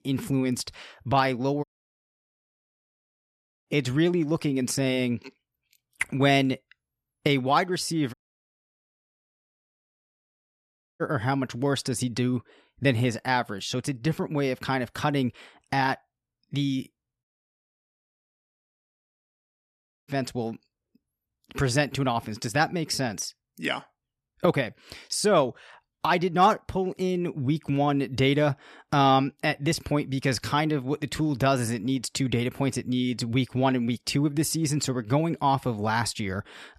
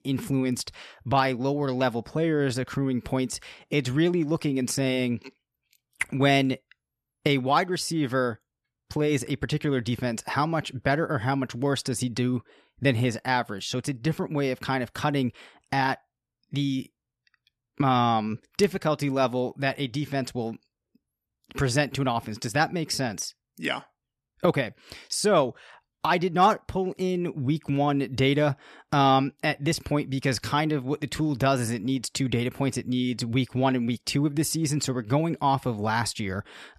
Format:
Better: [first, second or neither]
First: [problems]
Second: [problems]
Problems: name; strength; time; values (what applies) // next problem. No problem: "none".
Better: second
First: audio cutting out; at 1.5 s for 2 s, at 8 s for 3 s and at 17 s for 3 s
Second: none